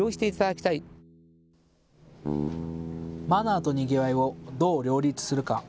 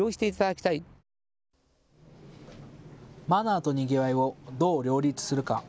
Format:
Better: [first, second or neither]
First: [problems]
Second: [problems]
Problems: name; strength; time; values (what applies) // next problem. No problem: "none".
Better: second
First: background sound (Bass guitar); 10 dB below the speech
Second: none